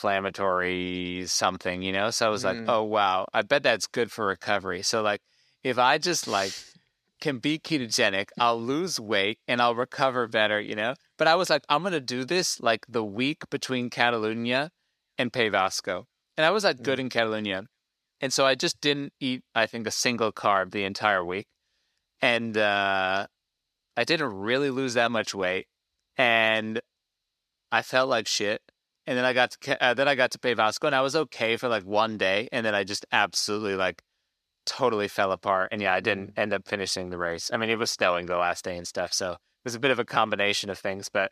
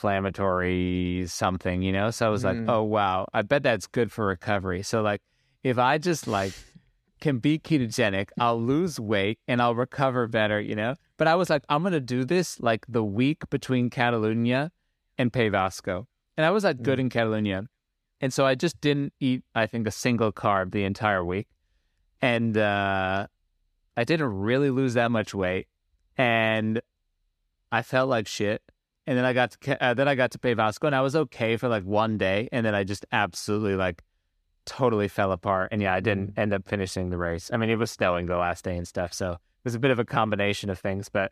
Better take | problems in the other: second | thin; very slightly; fading below 1 kHz

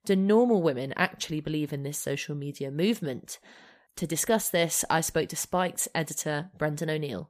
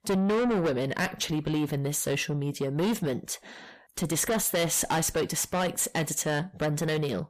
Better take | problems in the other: first | distortion; heavy; 6 dB below the speech

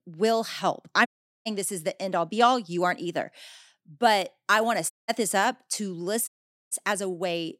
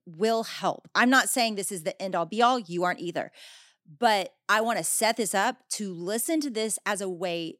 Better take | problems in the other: second | audio cutting out; at 1 s, at 5 s and at 6.5 s

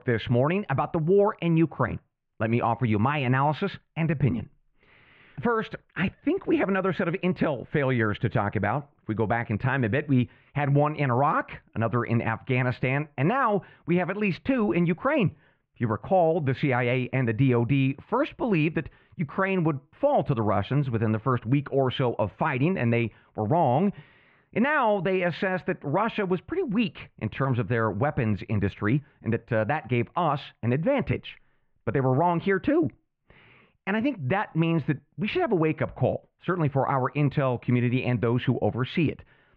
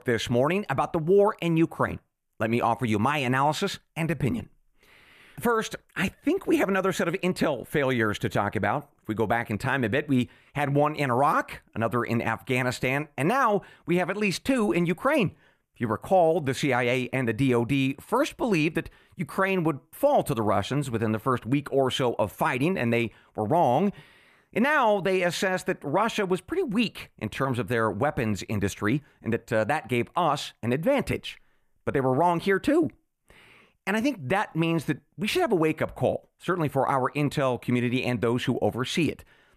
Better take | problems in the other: second | muffled; very; fading above 3 kHz

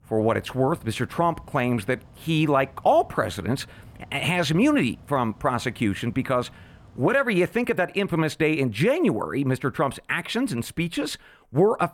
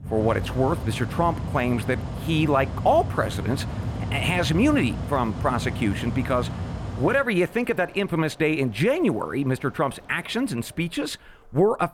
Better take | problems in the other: first | machinery noise; loud; throughout; 7 dB below the speech; faint in the first

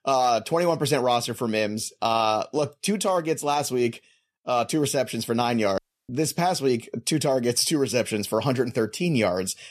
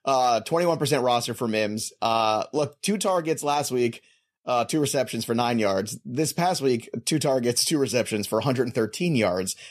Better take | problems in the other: second | audio cutting out; at 6 s

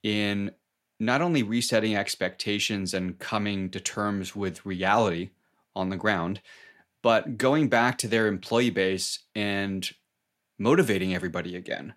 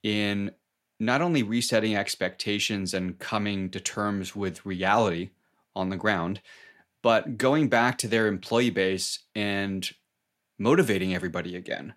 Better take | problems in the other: neither | none

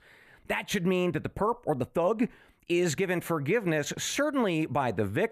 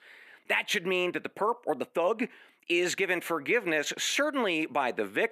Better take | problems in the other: first | thin; somewhat; fading below 250 Hz

